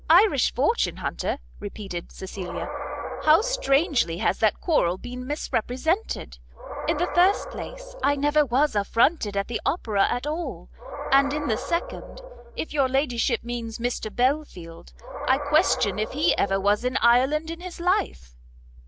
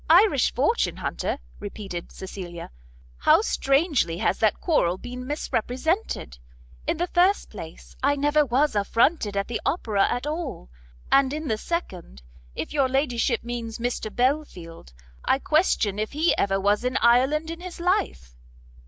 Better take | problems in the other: second | background sound (Animal); 13 dB below the speech

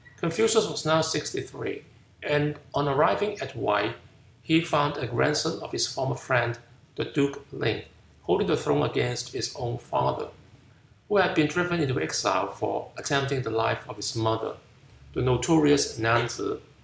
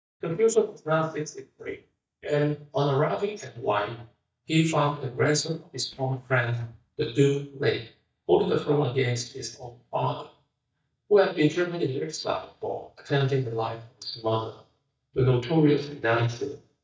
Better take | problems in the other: first | noise reduction (neural mask model DeepFilterNet 3)

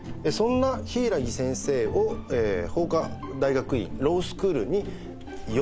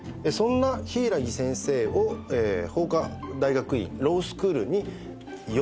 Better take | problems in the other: second | background sound (Walk, footsteps); 13 dB below the speech

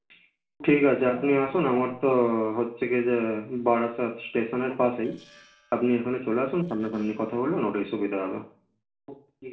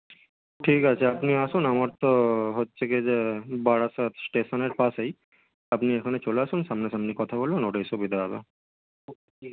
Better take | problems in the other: second | noise reduction (neural separator model SepFormer DNS4)

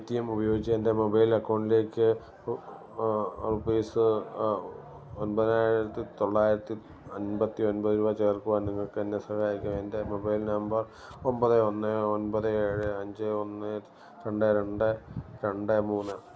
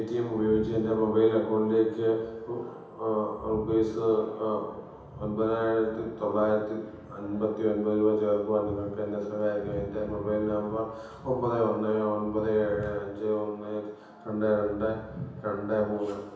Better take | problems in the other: first | room echo; dies away in 0.9 s

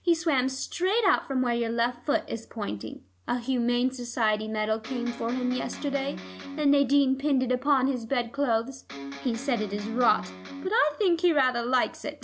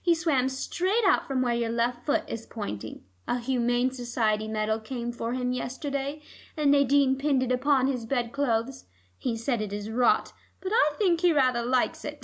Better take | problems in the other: second | background sound (Electric guitar); 11 dB below the speech

